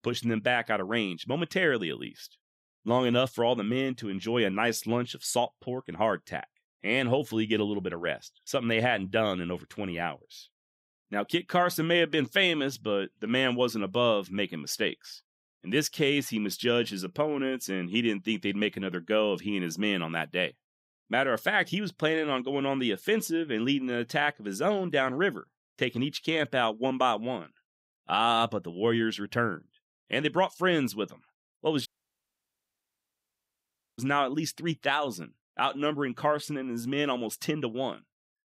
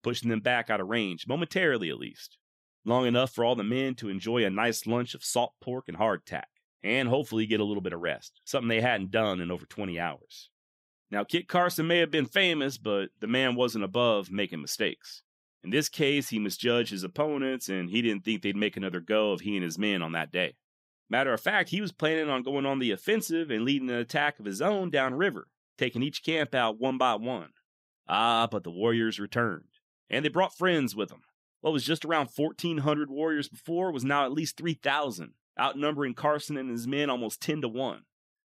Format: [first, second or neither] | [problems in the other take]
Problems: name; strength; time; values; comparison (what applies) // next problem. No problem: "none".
second | audio cutting out; at 32 s for 2 s